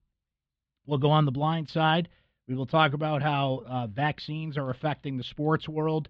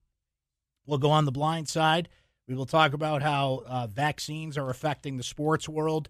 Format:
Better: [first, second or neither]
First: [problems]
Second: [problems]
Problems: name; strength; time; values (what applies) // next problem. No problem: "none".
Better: second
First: muffled; slightly; fading above 4 kHz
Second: none